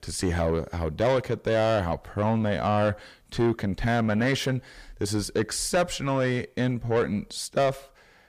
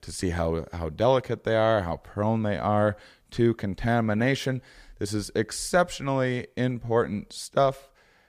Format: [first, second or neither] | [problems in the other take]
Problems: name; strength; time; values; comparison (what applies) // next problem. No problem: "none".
second | distortion; slight; 10 dB below the speech